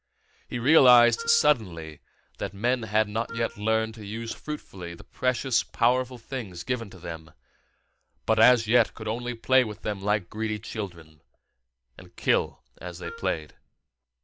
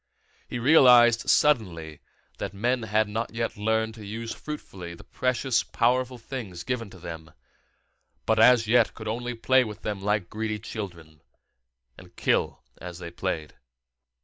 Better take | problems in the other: second | background sound (Wind instrument, woodwind instrument); 18 dB below the speech

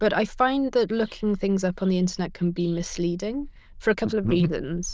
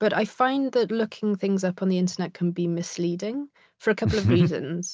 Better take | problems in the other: second | noise reduction (neural diffusion model UNIVERSE++)

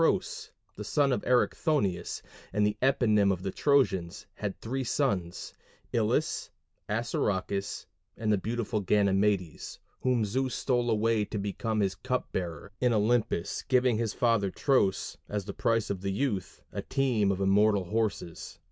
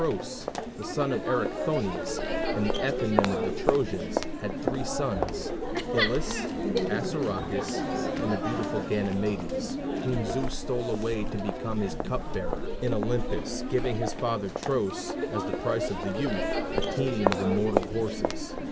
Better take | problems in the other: first | background sound (Crowd); 1 dB above the speech

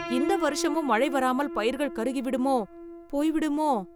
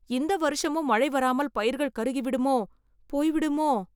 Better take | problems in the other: second | background sound (Piano); 9 dB below the speech

